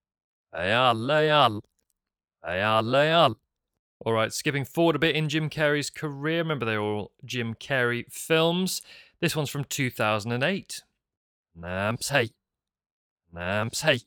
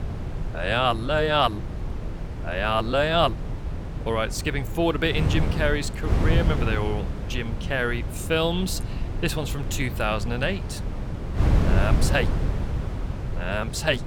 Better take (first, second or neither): first